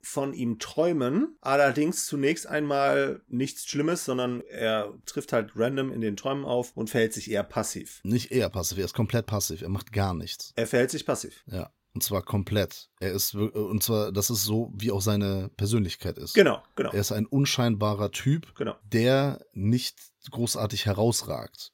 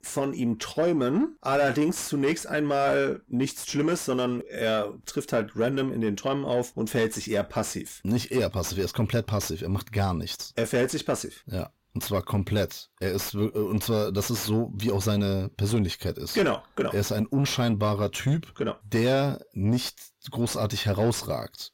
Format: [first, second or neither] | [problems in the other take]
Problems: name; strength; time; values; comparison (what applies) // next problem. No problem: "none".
first | distortion; slight; 10 dB below the speech